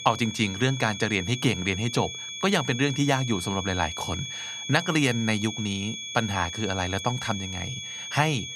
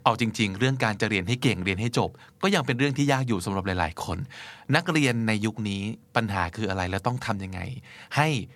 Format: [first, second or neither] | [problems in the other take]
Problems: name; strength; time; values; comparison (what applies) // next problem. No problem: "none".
second | high-pitched whine; loud; throughout; 3.5 kHz, 7 dB below the speech